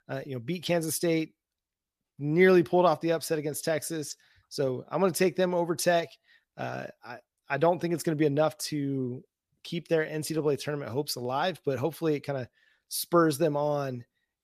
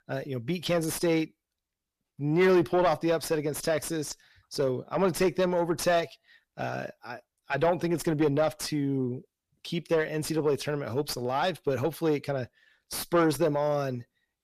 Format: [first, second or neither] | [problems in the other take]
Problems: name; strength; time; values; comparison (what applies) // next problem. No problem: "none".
first | distortion; slight; 10 dB below the speech